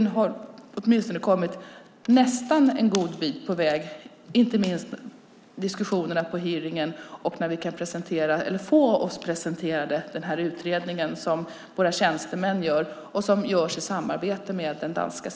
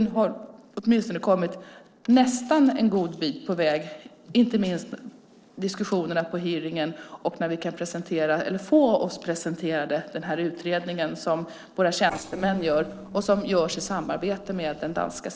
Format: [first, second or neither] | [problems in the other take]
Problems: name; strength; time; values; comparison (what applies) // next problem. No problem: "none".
first | noise reduction (neural separator model SepFormer DNS4)